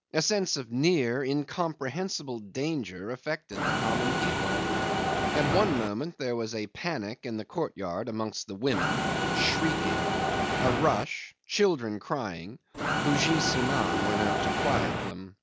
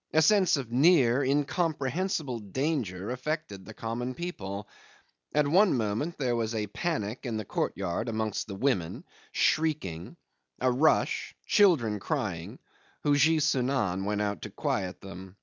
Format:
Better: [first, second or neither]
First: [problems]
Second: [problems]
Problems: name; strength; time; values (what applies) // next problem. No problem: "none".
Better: second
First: background sound (Mechanisms); 2 dB above the speech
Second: none